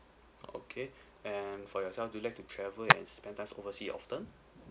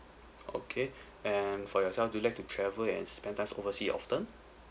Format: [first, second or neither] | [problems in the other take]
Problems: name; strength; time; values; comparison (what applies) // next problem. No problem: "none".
second | background sound (Hands); 3 dB above the speech